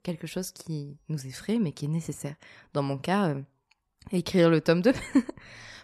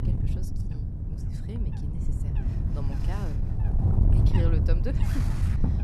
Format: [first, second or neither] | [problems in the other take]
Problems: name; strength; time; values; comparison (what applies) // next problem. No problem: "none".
first | wind noise on the microphone; heavy; 2 dB above the speech